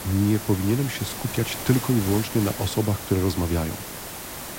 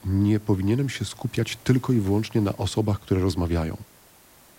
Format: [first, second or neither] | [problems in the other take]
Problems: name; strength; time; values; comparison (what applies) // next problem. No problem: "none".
second | hiss; loud; throughout; 8 dB below the speech; faint in the second